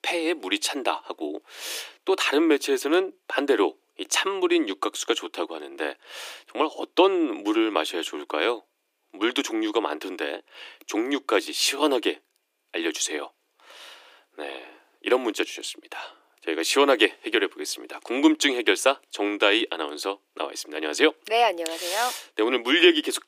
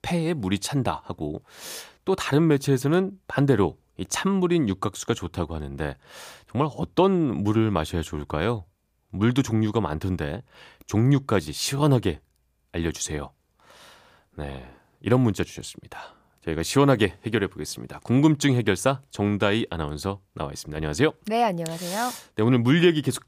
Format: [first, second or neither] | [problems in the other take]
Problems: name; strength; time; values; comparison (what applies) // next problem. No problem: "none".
second | thin; somewhat; fading below 300 Hz